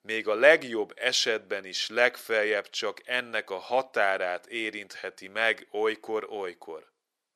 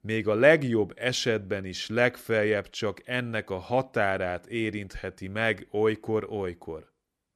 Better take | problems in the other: second | thin; somewhat; fading below 500 Hz

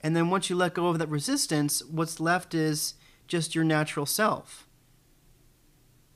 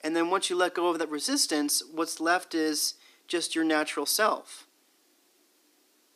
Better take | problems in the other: first | thin; somewhat; fading below 250 Hz

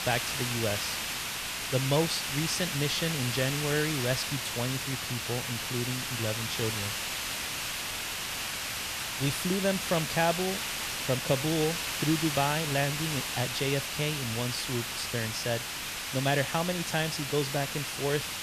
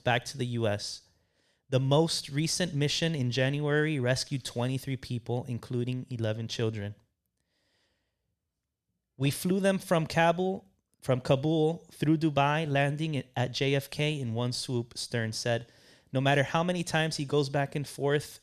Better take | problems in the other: second | hiss; loud; throughout; 1 dB below the speech

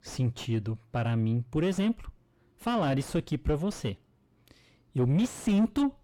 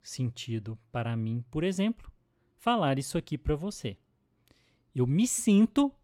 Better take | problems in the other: second | distortion; heavy; 5 dB below the speech

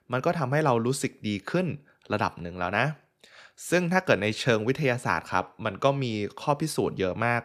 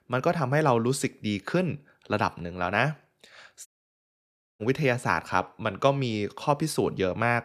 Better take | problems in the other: first | audio cutting out; at 3.5 s for 1 s

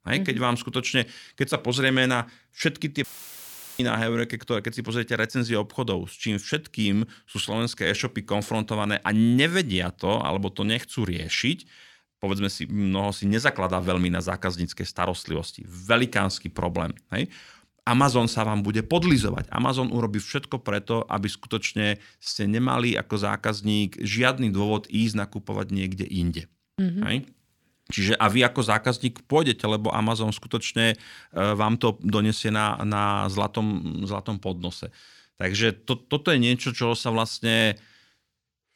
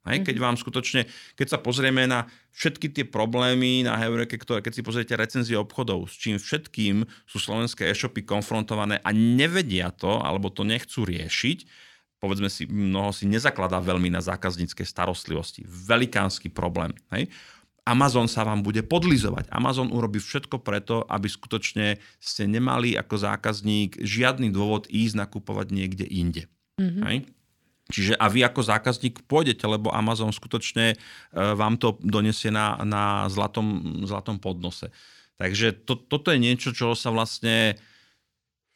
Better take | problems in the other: second | audio cutting out; filled with static; at 3 s for 1 s

